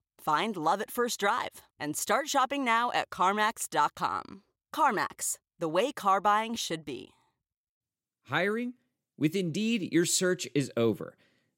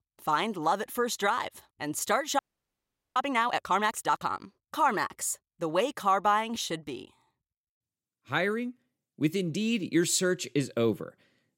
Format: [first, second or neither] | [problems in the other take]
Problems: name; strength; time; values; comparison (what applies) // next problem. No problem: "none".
first | audio freezing; at 2.5 s for 1 s